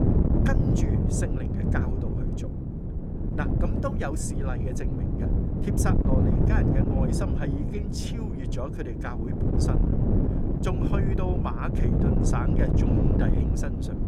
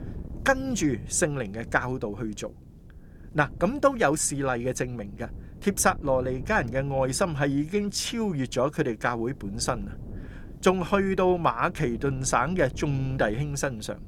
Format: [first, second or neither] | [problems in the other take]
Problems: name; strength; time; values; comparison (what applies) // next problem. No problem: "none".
second | wind noise on the microphone; heavy; 2 dB above the speech; occasional gusts in the second